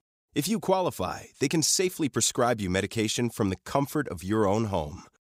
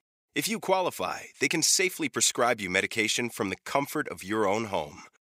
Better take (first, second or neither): first